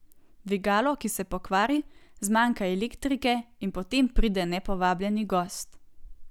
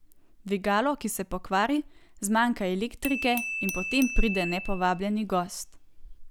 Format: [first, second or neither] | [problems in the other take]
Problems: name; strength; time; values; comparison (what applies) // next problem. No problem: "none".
first | background sound (Glass / Bell); 9 dB below the speech